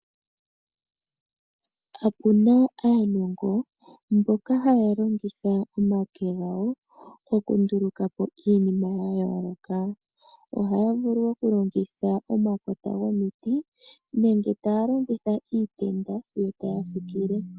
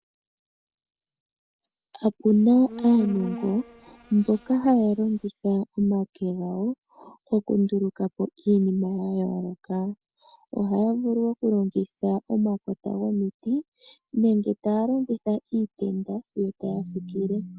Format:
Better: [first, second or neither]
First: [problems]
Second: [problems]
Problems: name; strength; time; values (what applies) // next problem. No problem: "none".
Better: first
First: none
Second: background sound (Insect); 13 dB below the speech